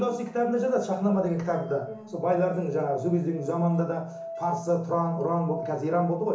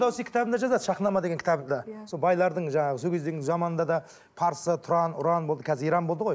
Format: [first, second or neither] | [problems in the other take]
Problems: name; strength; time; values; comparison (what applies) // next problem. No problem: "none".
second | background sound (Musical instrument); 15 dB below the speech // room echo; dies away in 0.8 s